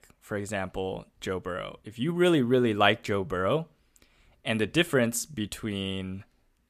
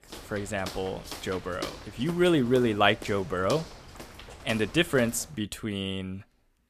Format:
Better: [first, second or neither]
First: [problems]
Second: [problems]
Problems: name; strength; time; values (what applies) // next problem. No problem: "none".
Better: first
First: none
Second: footsteps; faint; until 5.5 s; peak 10 dB below the speech